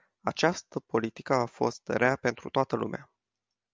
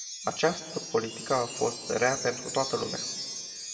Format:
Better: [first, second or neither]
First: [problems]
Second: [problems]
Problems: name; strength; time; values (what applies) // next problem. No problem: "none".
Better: first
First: none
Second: background sound (Wind chime); 7 dB below the speech // room echo; dies away in 1.4 s